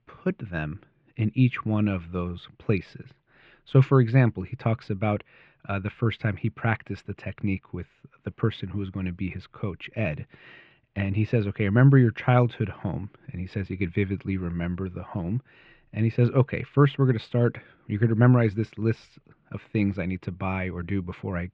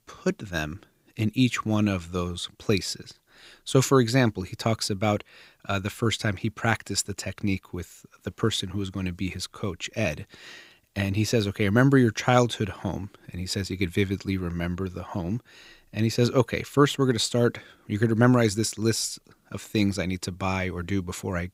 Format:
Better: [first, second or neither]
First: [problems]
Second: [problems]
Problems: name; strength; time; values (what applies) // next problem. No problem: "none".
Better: second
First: muffled; very; fading above 2.5 kHz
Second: none